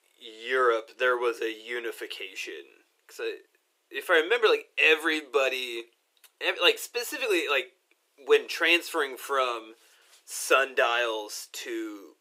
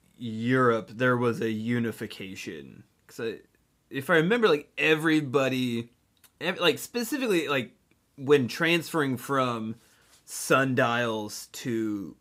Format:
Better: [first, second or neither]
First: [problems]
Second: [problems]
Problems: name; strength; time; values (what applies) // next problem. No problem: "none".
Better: second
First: thin; very; fading below 350 Hz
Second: none